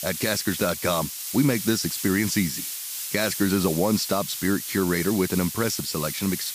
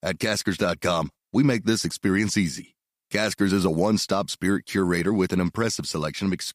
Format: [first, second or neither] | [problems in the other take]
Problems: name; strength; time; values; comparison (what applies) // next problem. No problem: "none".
second | hiss; loud; throughout; 5 dB below the speech